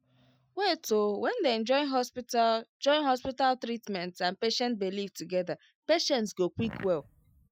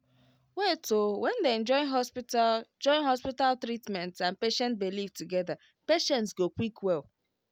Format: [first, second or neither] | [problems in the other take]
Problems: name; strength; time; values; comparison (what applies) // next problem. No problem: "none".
second | noise reduction (classical method Wiener filter)